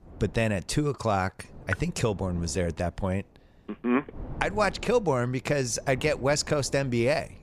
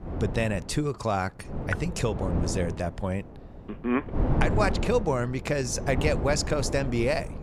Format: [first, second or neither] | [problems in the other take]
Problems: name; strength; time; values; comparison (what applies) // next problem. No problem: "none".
first | wind noise on the microphone; heavy; 9 dB below the speech; occasional gusts in the first